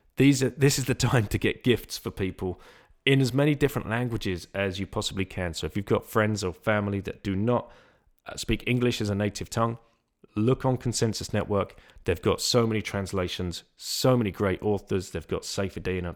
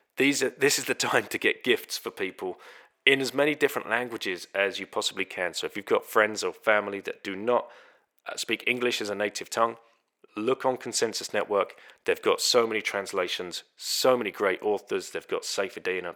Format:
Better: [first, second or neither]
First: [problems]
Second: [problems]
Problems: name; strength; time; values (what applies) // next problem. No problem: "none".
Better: first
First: none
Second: thin; somewhat; fading below 500 Hz